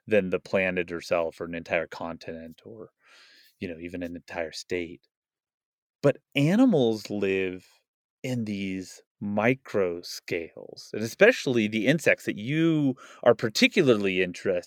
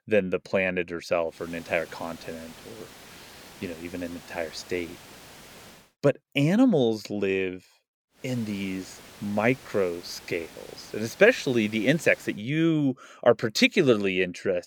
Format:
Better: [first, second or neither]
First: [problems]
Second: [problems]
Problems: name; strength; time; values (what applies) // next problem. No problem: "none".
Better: first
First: none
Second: hiss; faint; from 1.5 to 6 s and from 8 to 12 s; 20 dB below the speech